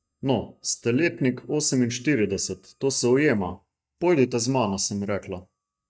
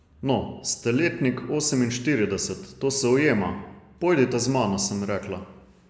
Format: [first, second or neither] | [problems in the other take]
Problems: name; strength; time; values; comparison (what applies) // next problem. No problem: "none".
second | noise reduction (neural mask model DeepFilterNet 3)